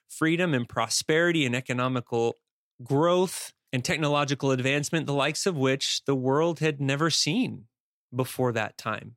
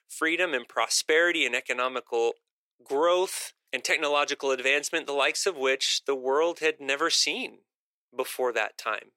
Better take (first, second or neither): first